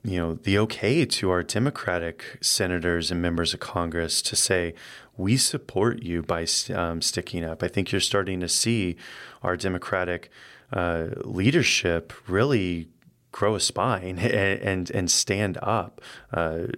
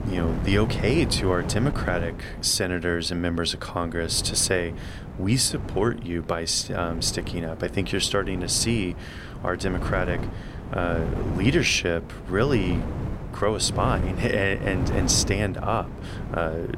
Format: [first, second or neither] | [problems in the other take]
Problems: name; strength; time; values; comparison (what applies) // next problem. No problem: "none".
first | wind noise on the microphone; occasional gusts; 10 dB below the speech